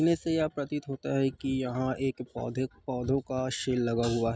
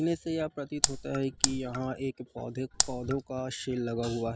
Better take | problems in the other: first | background sound (Raindrop); 1 dB above the speech

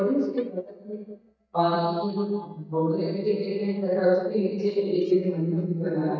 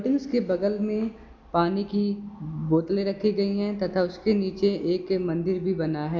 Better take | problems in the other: second | noise reduction (neural mask model DeepFilterNet 3)

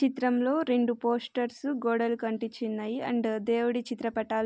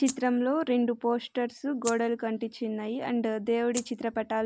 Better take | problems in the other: first | background sound (Rattle (instrument)); 10 dB below the speech

